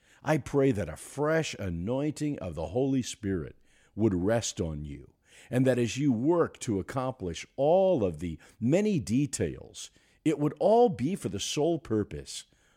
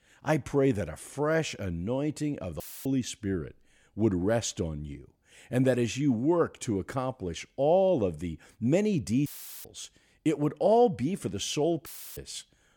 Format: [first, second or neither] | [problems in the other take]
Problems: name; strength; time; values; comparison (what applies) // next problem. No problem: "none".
first | audio cutting out; filled with static; at 2.5 s, at 9.5 s and at 12 s